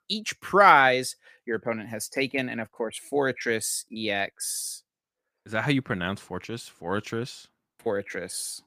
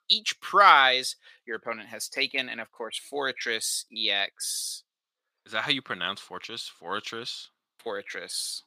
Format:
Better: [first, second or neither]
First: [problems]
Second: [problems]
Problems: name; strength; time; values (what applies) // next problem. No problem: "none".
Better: first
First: none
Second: thin; somewhat; fading below 600 Hz